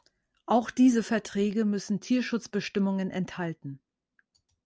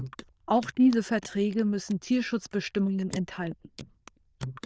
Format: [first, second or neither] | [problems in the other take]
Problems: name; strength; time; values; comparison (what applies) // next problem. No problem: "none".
first | noise reduction (neural diffusion model UNIVERSE++)